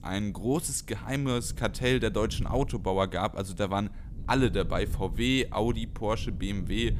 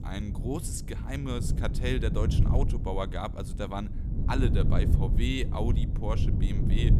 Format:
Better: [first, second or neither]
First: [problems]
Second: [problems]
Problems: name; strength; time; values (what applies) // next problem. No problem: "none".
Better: first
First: low rumble; faint; throughout; 20 dB below the speech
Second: low rumble; loud; throughout; 6 dB below the speech